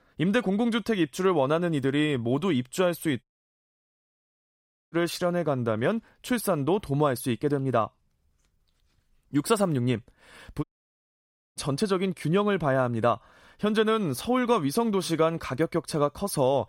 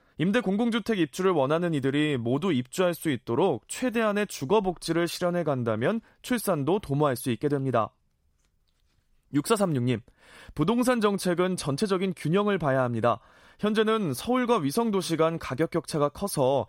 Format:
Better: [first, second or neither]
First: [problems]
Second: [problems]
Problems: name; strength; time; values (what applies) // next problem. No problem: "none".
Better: second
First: audio cutting out; at 3 s for 1.5 s and at 11 s for 1 s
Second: none